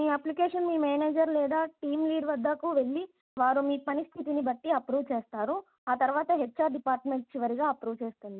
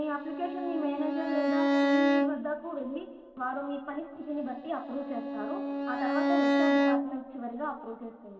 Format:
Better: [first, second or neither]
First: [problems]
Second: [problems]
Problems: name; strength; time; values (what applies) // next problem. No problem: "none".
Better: first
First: none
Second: background sound (Bowed string instrument); 5 dB above the speech // room echo; dies away in 2.2 s